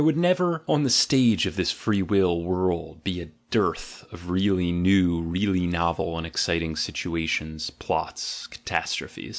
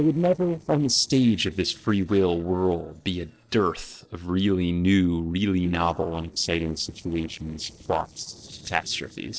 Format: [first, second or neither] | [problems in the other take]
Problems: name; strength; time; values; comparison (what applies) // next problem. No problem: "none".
first | noise reduction (neural separator model SepFormer DNS4)